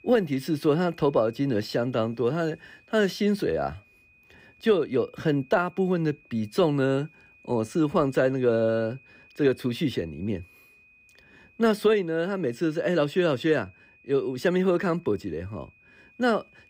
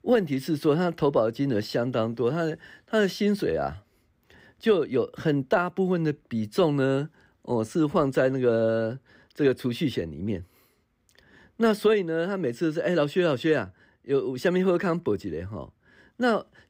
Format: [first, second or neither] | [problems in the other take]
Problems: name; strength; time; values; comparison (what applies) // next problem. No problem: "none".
second | high-pitched whine; faint; throughout; 2.5 kHz, 30 dB below the speech